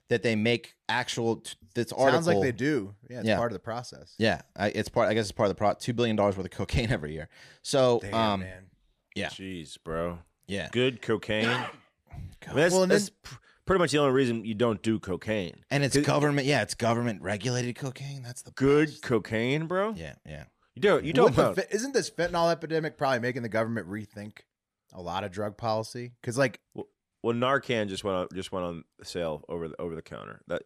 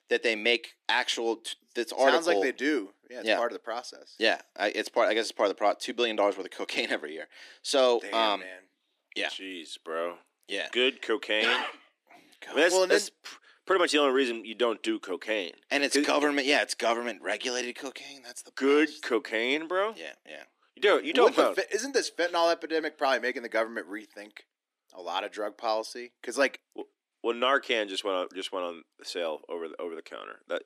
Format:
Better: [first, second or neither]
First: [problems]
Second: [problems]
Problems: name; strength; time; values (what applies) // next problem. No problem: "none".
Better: first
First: none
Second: thin; somewhat; fading below 300 Hz